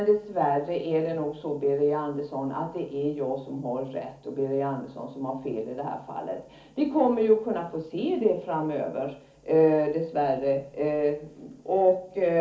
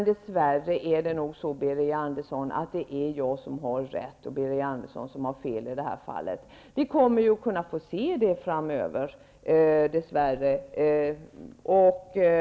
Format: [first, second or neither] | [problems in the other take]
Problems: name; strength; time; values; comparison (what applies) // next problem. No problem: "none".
second | room echo; dies away in 0.4 s